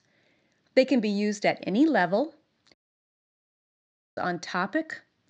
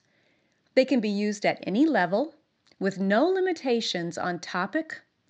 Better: second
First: audio cutting out; at 2.5 s for 1.5 s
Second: none

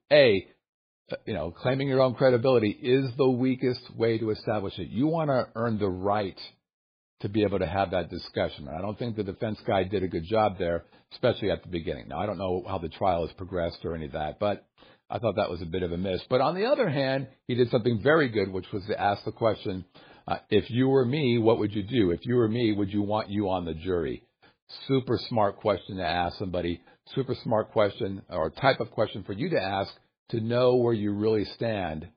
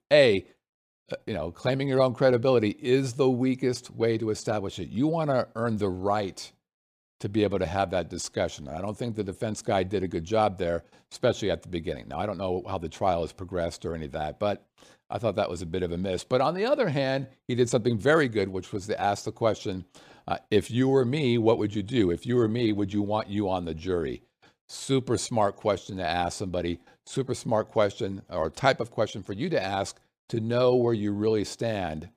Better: second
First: garbled, watery; badly; nothing above 4.5 kHz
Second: none

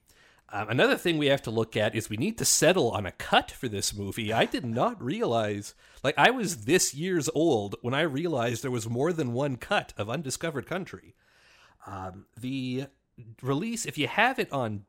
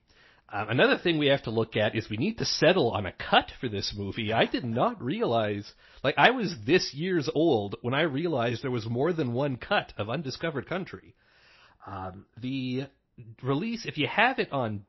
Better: first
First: none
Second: garbled, watery; slightly; nothing above 5.5 kHz

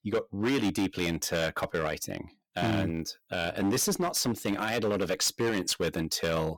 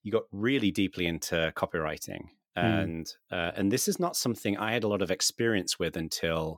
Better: second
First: distortion; heavy; 11% of the sound clipped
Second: none

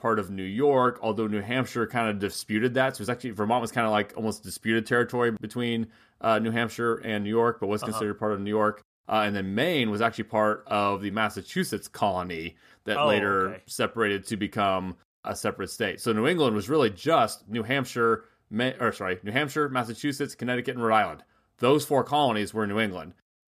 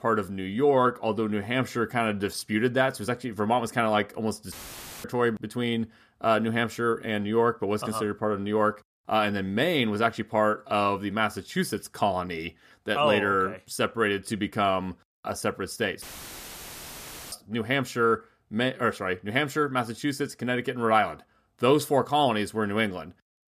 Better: first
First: none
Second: audio cutting out; filled with static; at 4.5 s for 0.5 s and at 16 s for 1.5 s

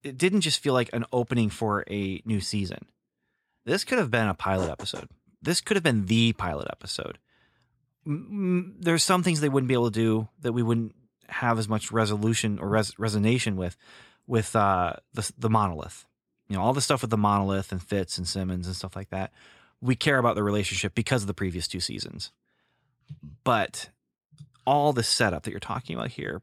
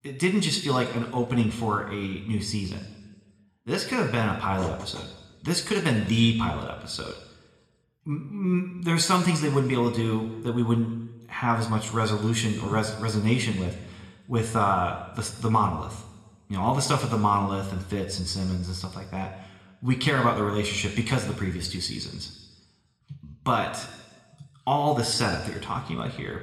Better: first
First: none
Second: room echo; slight; dies away in 1.1 s

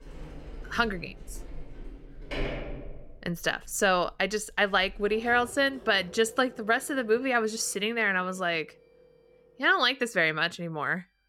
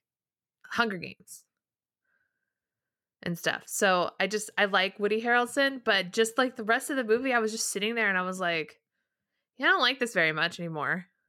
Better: second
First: household noises; noticeable; throughout; 15 dB below the speech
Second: none

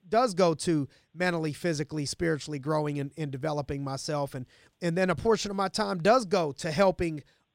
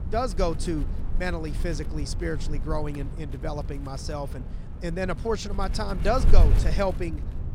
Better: first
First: none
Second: wind noise on the microphone; occasional gusts; 15 dB below the speech

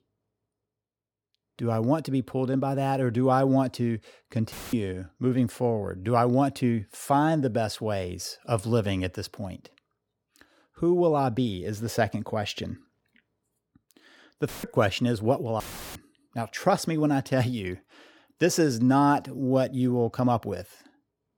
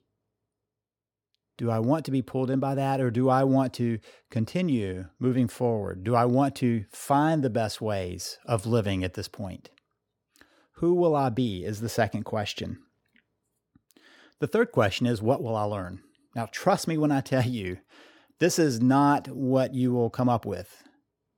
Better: second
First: audio cutting out; filled with static; at 4.5 s, at 14 s and at 16 s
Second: none

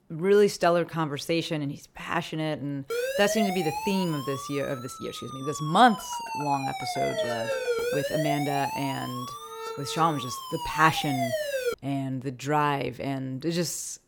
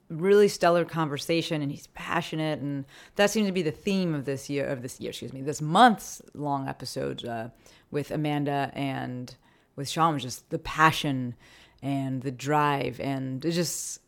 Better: second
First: siren; noticeable; from 3 to 12 s; peak level with the speech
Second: none

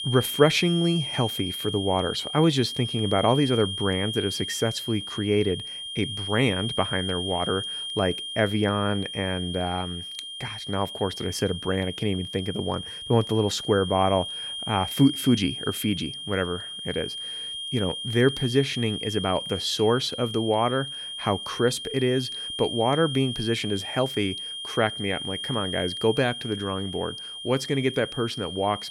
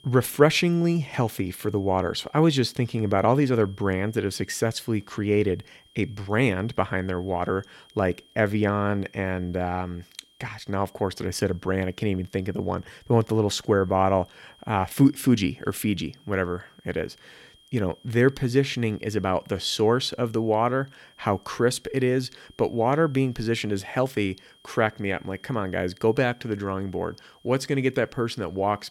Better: second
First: high-pitched whine; loud; throughout; 3 kHz, 6 dB below the speech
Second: high-pitched whine; faint; throughout; 3 kHz, 30 dB below the speech

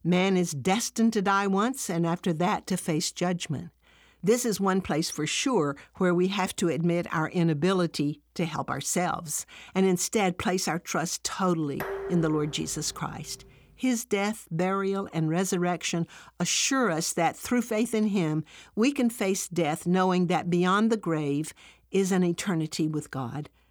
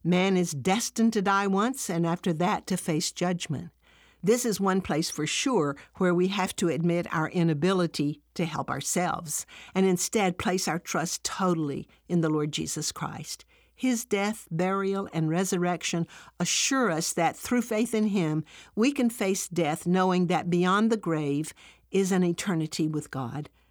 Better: second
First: clattering dishes; noticeable; from 12 to 13 s; peak 7 dB below the speech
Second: none

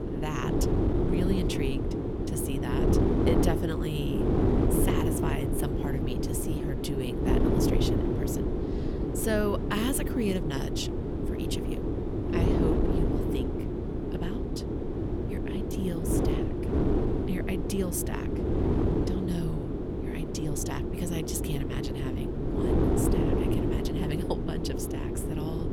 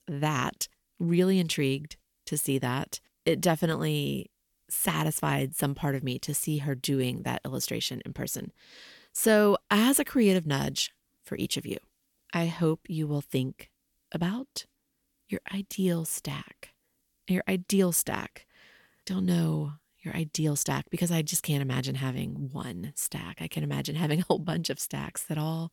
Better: second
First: wind noise on the microphone; heavy; 4 dB above the speech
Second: none

